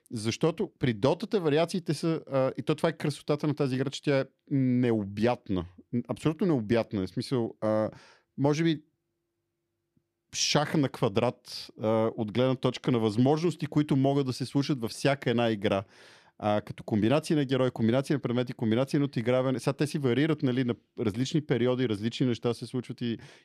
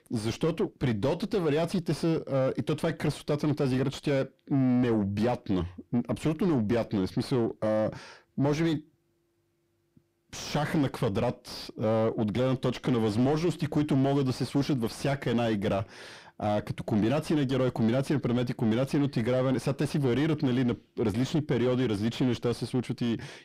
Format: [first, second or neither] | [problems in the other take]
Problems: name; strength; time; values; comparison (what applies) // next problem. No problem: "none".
first | distortion; heavy; 7 dB below the speech